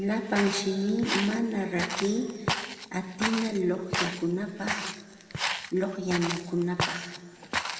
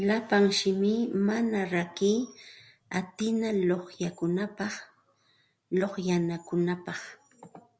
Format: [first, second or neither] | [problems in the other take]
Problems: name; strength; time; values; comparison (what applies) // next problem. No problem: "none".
second | background sound (Walk, footsteps); 5 dB below the speech // room echo; dies away in 2.1 s